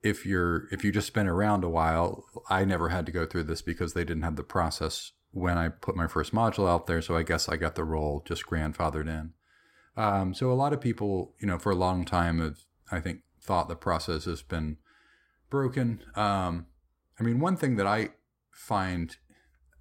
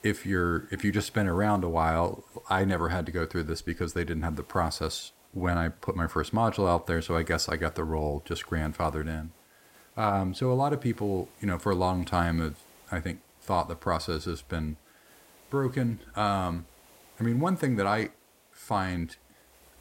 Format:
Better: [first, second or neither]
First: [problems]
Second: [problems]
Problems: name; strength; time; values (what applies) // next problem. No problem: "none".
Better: first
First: none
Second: hiss; faint; throughout; 25 dB below the speech